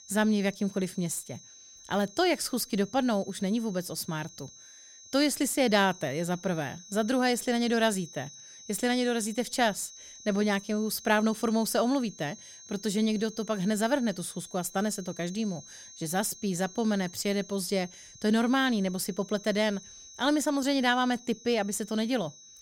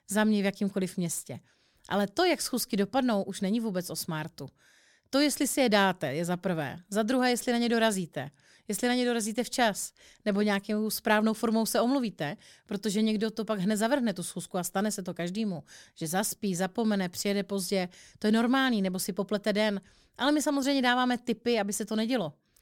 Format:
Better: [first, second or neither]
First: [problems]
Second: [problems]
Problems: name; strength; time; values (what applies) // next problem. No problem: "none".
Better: second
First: high-pitched whine; noticeable; throughout; 6 kHz, 20 dB below the speech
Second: none